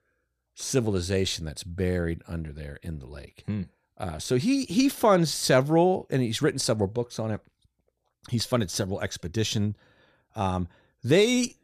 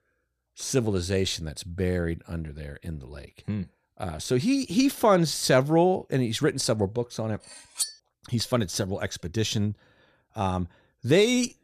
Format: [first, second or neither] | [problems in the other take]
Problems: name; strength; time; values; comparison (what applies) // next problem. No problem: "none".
first | clattering dishes; noticeable; at 8 s; peak 4 dB below the speech